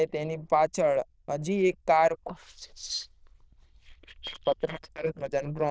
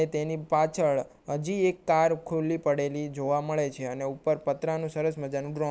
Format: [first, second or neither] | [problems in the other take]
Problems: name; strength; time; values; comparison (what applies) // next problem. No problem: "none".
second | noise reduction (neural diffusion model UNIVERSE++)